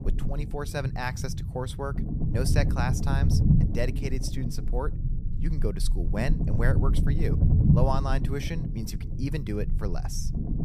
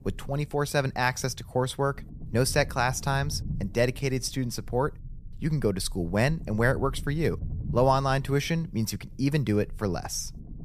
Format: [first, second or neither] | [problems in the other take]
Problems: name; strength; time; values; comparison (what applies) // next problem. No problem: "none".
second | low rumble; loud; throughout; 5 dB below the speech; faint in the second